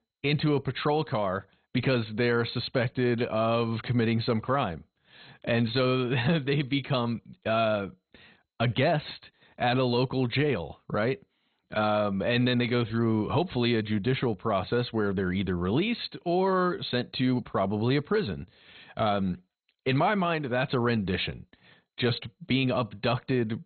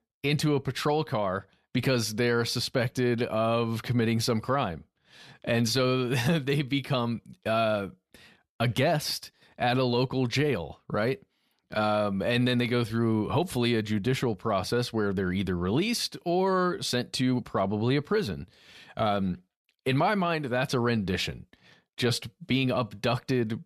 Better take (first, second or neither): second